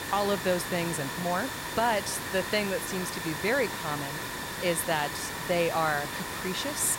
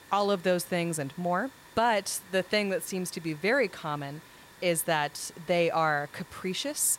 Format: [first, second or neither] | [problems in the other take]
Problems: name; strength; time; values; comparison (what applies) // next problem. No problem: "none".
second | hiss; loud; throughout; 4 dB below the speech; faint in the second